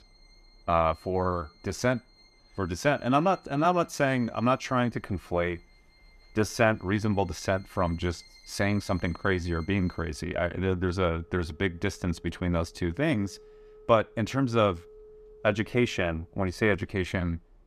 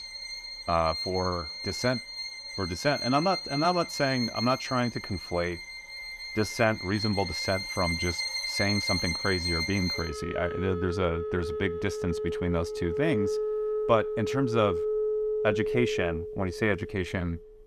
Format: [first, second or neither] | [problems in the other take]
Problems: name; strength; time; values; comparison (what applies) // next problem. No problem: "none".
first | background music; loud; throughout; 3 dB below the speech; faint in the first